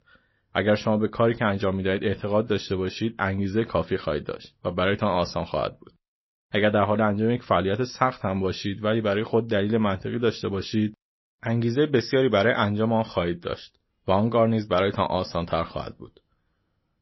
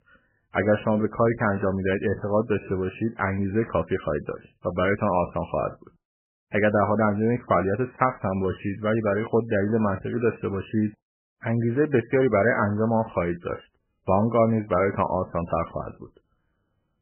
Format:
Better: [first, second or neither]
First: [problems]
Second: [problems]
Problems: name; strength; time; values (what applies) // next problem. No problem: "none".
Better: first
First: garbled, watery; slightly; nothing above 5.5 kHz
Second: garbled, watery; badly; nothing above 2.5 kHz